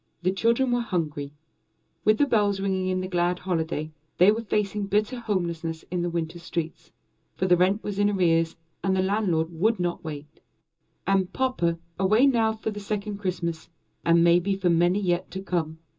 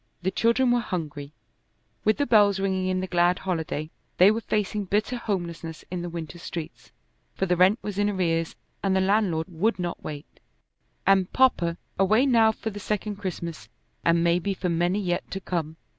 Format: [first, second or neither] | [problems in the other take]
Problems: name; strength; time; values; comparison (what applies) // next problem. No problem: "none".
second | room echo; dies away in 0.2 s